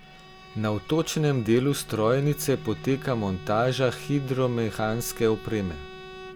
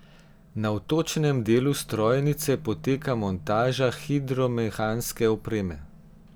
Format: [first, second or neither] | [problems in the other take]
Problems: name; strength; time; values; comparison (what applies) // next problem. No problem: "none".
second | background sound (Bowed string instrument); 18 dB below the speech